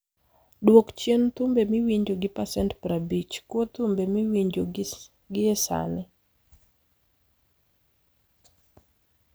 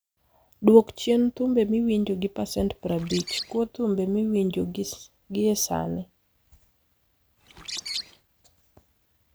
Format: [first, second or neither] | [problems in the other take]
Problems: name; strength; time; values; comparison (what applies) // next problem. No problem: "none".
first | background sound (Bird); 10 dB below the speech